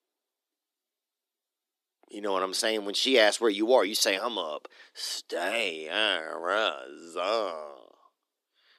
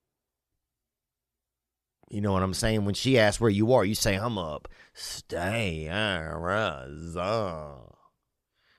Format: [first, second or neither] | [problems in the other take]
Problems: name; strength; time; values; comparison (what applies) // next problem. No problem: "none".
second | thin; somewhat; fading below 300 Hz